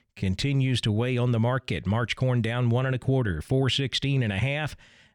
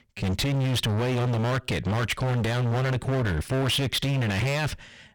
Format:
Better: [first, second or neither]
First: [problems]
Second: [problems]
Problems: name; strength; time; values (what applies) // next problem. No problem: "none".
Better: first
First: none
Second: distortion; heavy; 43% of the sound clipped